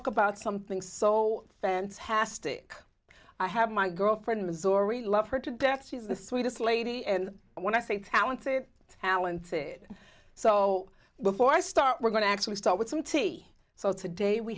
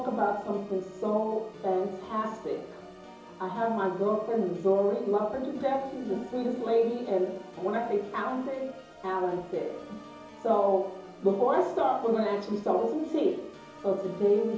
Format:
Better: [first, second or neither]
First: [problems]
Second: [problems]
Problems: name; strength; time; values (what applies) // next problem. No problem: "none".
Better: first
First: none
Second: background sound (Organ); 18 dB below the speech // room echo; dies away in 2.8 s